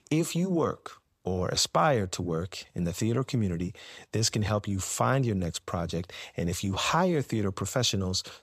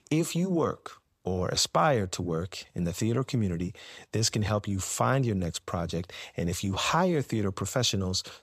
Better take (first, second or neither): neither